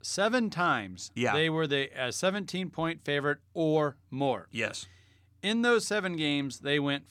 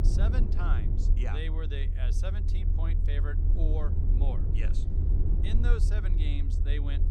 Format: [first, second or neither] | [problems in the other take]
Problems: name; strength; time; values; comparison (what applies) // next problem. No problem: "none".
first | low rumble; loud; throughout; 4 dB below the speech